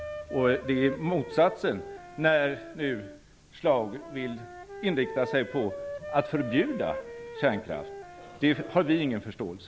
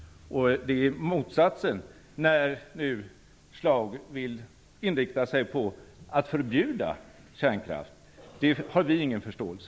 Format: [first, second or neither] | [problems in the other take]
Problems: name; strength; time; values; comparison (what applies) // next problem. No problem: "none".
second | background sound (Wind instrument, woodwind instrument); 12 dB below the speech